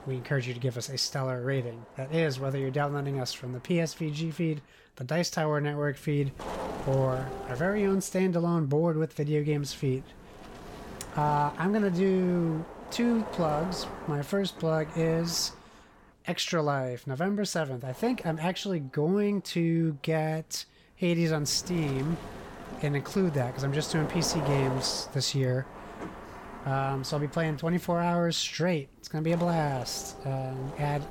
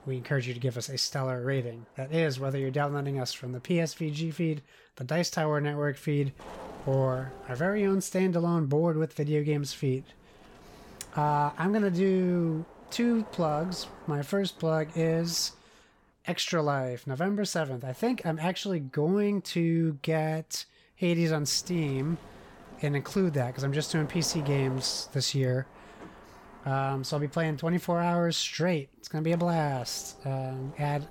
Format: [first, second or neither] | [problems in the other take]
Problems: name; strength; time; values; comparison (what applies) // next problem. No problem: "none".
second | wind noise on the microphone; heavy; 10 dB below the speech; occasional gusts in the second